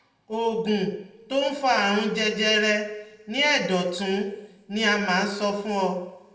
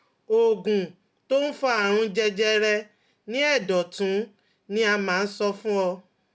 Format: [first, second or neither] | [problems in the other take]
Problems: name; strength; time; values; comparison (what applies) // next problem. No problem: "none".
second | room echo; dies away in 0.9 s